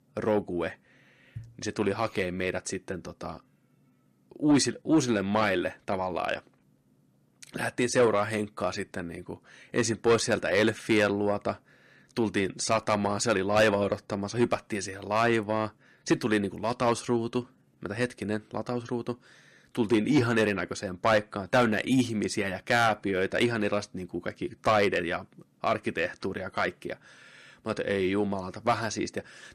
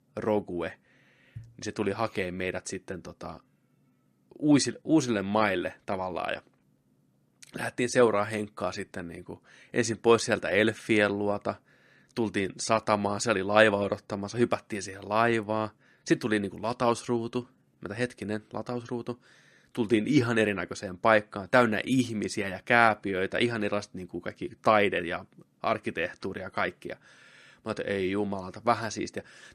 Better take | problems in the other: second | distortion; slight; 10 dB below the speech

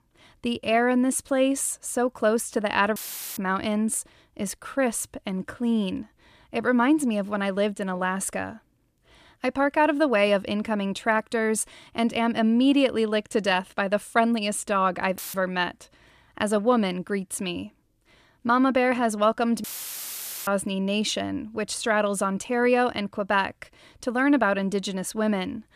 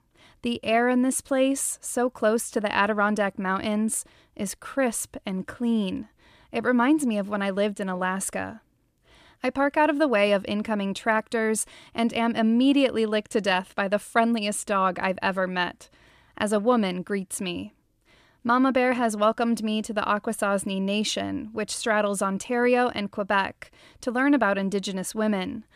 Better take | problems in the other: second | audio cutting out; filled with static; at 3 s, at 15 s and at 20 s for 1 s

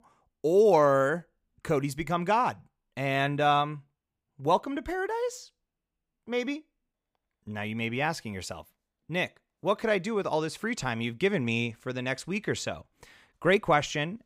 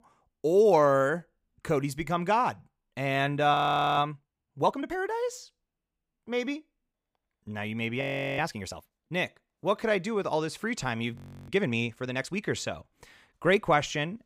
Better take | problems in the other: first | audio freezing; at 3.5 s, at 8 s and at 11 s

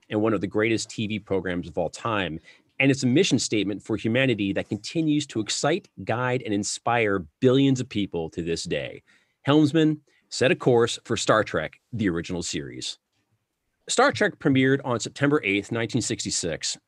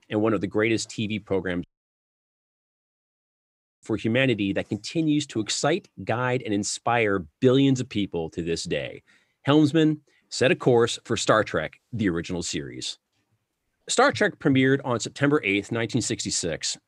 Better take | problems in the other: first | audio cutting out; at 1.5 s for 2 s

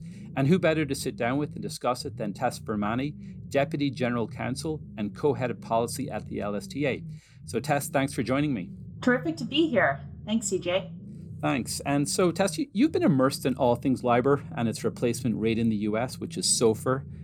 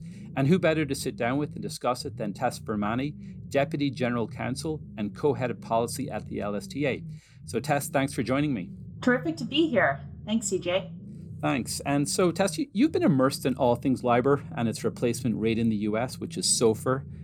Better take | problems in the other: neither | low rumble; faint; throughout; 25 dB below the speech; the same in both

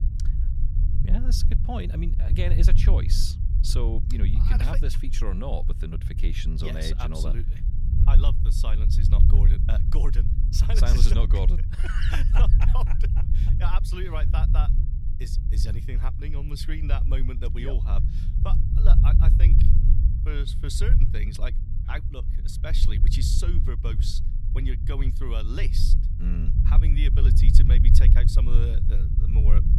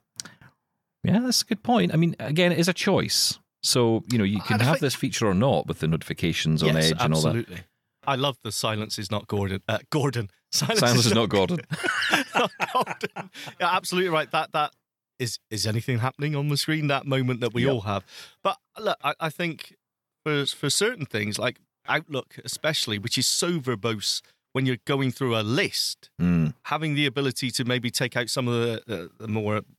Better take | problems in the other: second | low rumble; loud; throughout; 5 dB below the speech

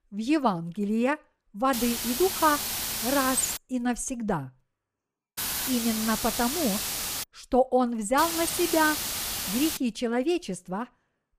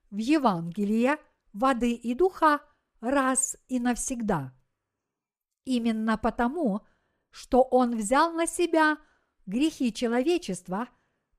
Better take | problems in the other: second | hiss; loud; from 1.5 to 3.5 s, from 5.5 to 7 s and from 8 to 10 s; 2 dB below the speech

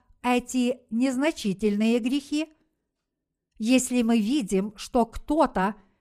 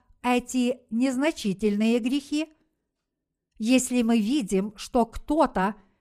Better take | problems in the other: neither | none

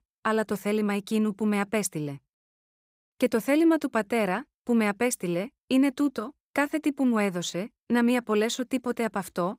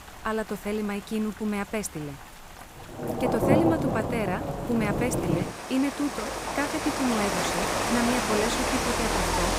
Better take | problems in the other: first | rain or running water; very loud; throughout; 2 dB above the speech

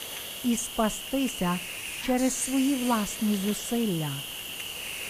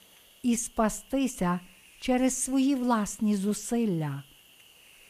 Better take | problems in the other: second | hiss; loud; throughout; 6 dB below the speech; faint in the second

